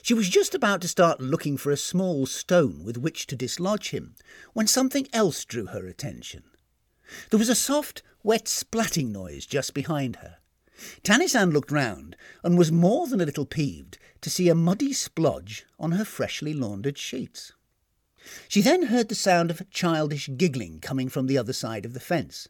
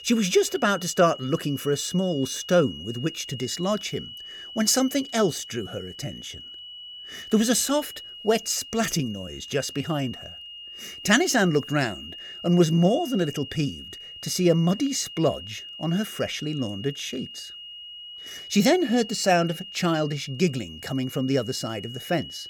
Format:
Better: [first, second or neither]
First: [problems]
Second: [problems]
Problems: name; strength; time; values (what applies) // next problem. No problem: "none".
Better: first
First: none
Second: high-pitched whine; noticeable; throughout; 3 kHz, 15 dB below the speech